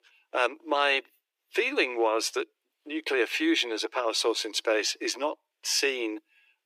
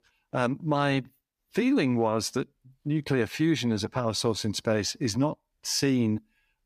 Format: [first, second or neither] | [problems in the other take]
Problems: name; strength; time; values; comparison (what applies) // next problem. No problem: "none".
second | thin; very; fading below 350 Hz